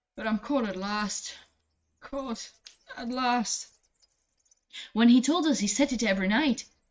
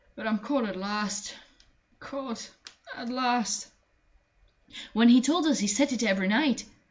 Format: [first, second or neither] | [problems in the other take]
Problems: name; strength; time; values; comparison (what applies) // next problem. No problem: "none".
second | noise reduction (neural mask model RNNoise)